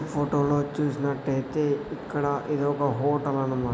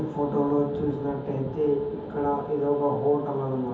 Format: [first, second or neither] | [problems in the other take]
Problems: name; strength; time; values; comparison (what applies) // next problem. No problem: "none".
first | background sound (Thunder); 17 dB below the speech // room echo; dies away in 0.7 s